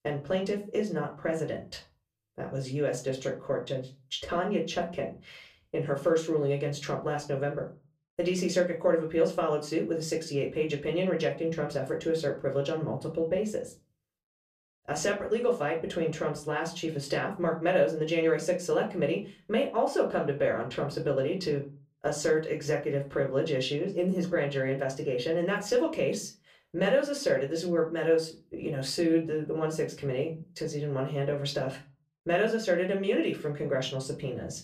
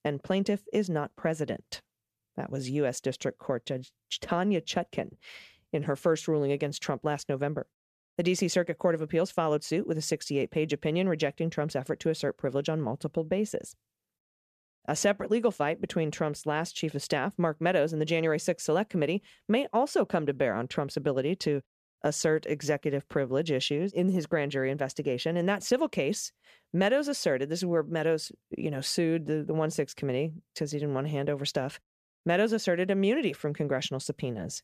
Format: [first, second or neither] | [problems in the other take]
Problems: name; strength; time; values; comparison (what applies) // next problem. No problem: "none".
second | off-mic speech; far // room echo; very slight; dies away in 0.3 s